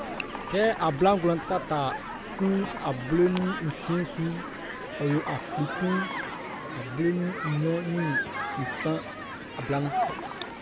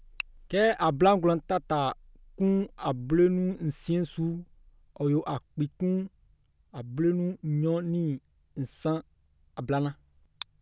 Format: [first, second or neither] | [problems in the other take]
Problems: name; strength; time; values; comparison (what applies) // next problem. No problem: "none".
second | background sound (Human group actions); 6 dB below the speech